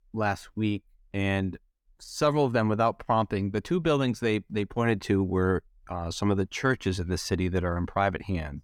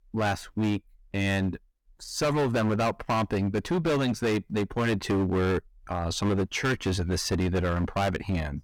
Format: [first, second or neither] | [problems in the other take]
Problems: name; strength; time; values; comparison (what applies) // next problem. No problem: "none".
first | distortion; heavy; 17% of the sound clipped